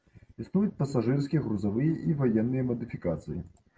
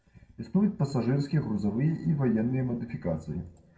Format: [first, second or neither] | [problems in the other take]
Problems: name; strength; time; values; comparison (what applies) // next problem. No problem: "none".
first | room echo; dies away in 0.8 s